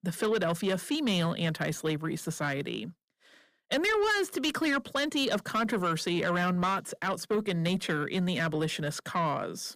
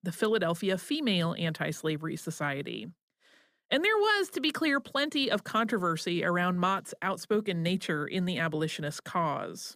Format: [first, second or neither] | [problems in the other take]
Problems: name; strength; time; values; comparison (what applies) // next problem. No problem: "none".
second | distortion; slight; 10 dB below the speech